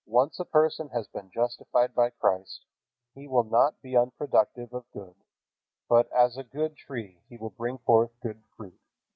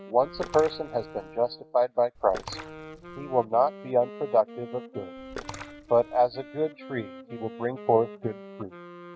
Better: first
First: none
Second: background sound (Wind instrument, woodwind instrument + Splash, splatter); 15 dB below the speech

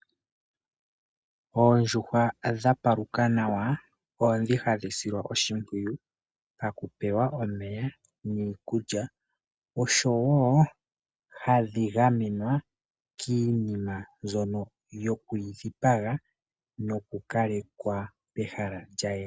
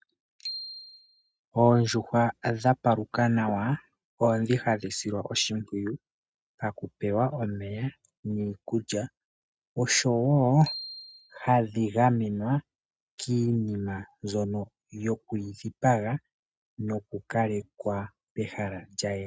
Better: first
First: none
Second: noise reduction (neural mask model RNNoise)

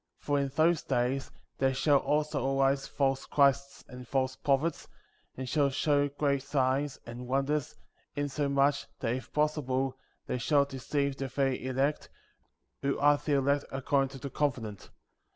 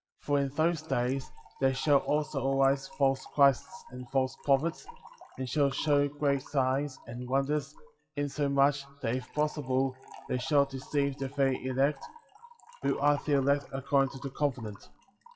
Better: first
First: none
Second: noise reduction (classical method WPE with log-MMSE)

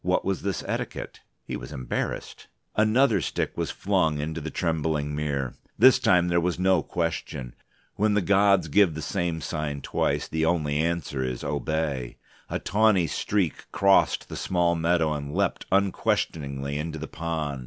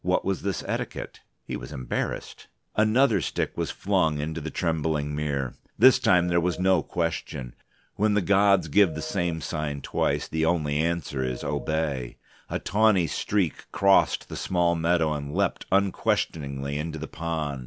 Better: first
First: none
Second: background sound (Telephone); 18 dB below the speech

